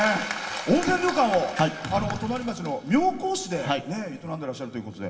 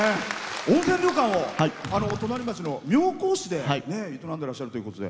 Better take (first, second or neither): second